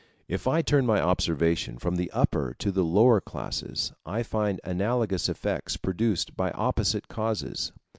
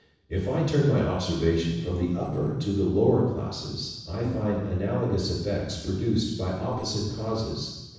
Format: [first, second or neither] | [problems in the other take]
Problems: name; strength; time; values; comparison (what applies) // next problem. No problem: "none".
first | noise reduction (neural separator model SepFormer DNS4)